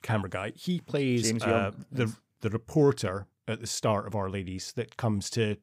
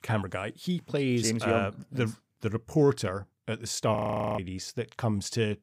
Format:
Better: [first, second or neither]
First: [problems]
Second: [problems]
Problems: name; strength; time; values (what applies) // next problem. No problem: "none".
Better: first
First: none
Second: audio freezing; at 4 s